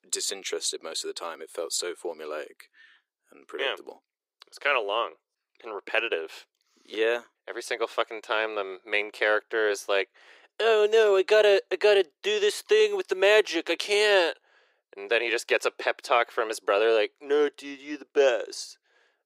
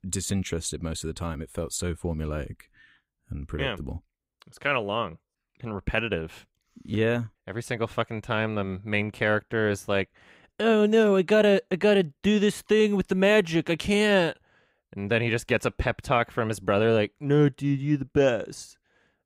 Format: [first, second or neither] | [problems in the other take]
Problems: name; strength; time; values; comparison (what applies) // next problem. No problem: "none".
second | thin; very; fading below 350 Hz